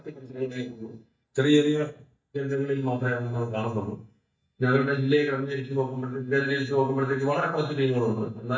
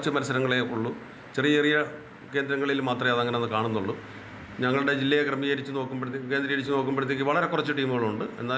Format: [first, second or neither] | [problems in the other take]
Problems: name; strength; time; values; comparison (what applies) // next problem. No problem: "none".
second | noise reduction (neural mask model DeepFilterNet 3)